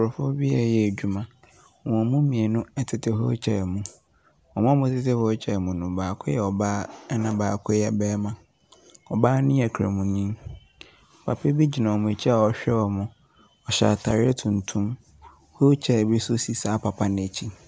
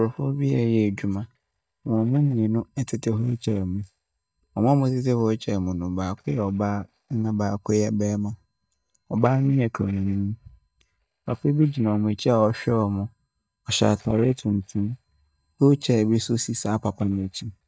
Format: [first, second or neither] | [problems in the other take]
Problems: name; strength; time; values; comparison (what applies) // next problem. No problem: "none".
first | noise reduction (neural mask model DeepFilterNet 3)